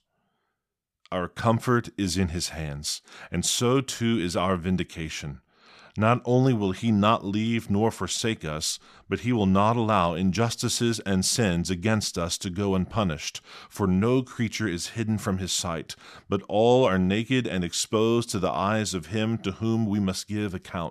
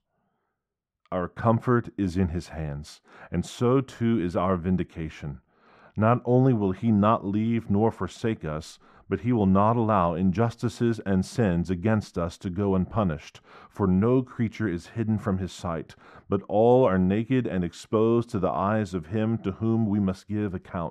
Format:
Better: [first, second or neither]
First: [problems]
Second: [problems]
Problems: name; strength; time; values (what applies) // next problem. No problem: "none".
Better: first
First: none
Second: muffled; very; fading above 2.5 kHz